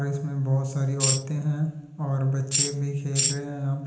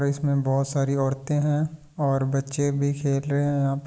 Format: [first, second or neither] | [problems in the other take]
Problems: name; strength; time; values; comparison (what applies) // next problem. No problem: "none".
second | background sound (Tambourine); 1 dB below the speech // room echo; dies away in 0.9 s